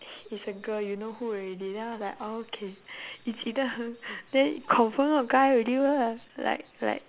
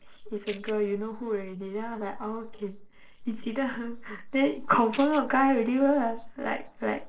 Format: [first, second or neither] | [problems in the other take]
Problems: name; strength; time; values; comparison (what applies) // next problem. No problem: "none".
first | noise reduction (neural separator model SepFormer DNS4)